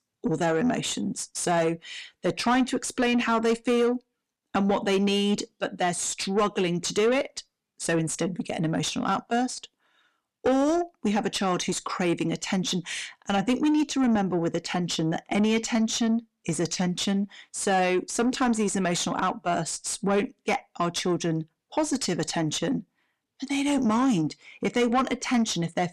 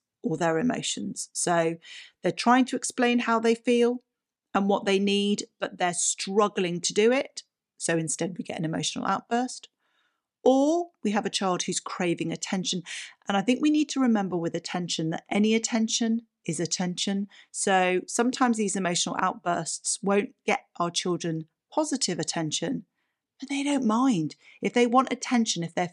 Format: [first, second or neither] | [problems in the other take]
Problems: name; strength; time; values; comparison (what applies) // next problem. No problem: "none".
second | distortion; slight; 10 dB below the speech